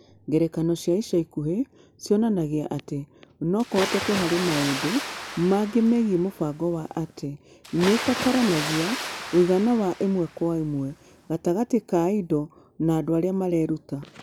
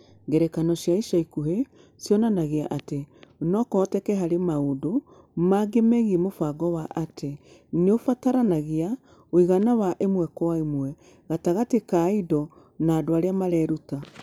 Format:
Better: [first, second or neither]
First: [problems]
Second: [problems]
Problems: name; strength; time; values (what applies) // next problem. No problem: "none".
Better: second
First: background sound (Water); 11 dB below the speech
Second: none